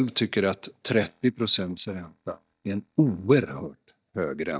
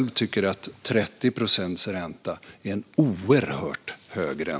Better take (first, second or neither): second